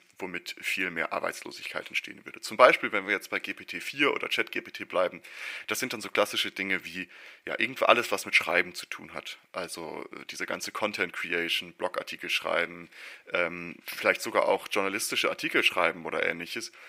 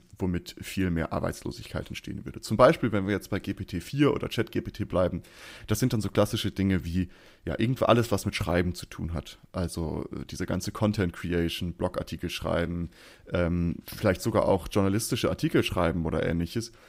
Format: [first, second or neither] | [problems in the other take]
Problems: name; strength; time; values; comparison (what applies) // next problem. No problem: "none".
second | thin; very; fading below 450 Hz